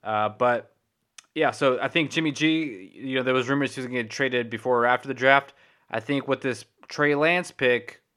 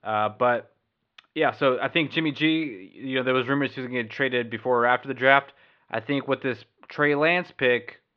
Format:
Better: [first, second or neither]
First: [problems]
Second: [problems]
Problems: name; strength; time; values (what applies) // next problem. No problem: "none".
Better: first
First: none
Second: muffled; slightly; fading above 4 kHz